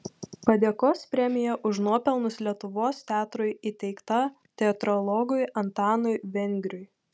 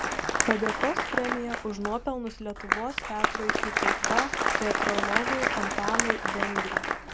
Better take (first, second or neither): first